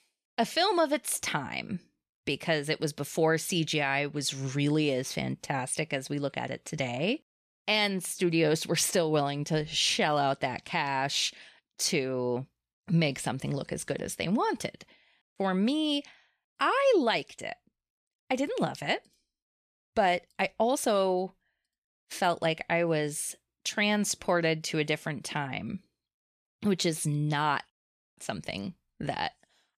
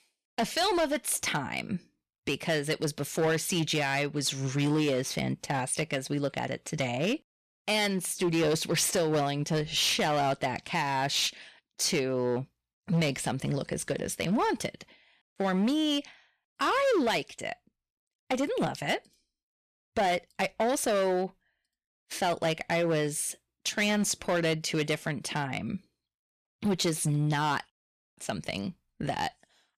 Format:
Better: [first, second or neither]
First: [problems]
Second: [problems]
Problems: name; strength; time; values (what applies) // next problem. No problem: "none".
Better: first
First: none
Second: distortion; slight; 8% of the sound clipped